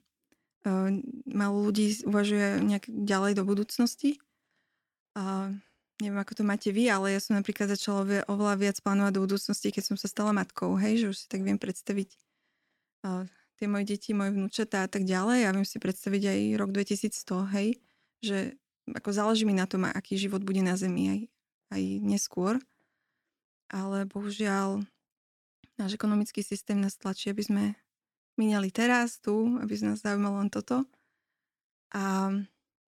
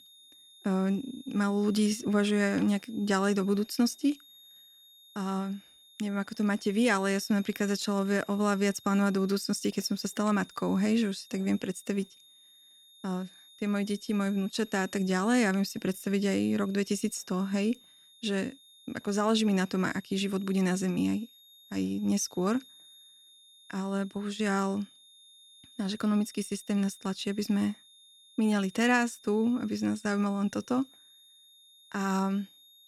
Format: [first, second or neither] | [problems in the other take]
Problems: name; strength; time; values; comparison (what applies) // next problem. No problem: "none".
first | high-pitched whine; faint; throughout; 3.5 kHz, 25 dB below the speech